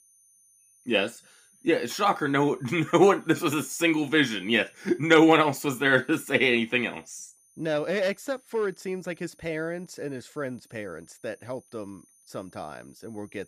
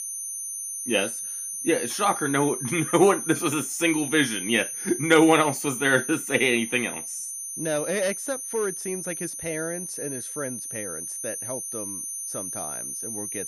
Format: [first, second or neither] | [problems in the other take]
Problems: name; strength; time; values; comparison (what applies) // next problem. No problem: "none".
first | high-pitched whine; loud; throughout; 9.5 kHz, 6 dB below the speech; faint in the first